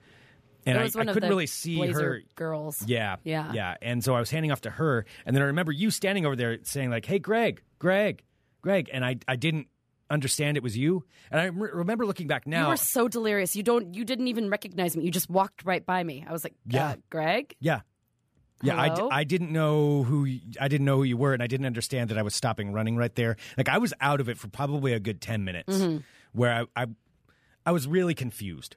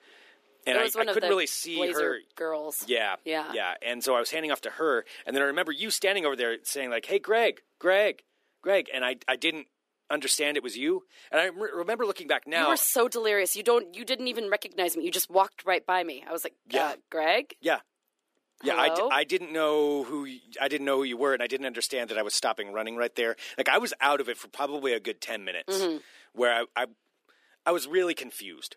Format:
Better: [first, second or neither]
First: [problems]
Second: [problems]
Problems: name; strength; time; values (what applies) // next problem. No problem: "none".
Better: first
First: none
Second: thin; very; fading below 300 Hz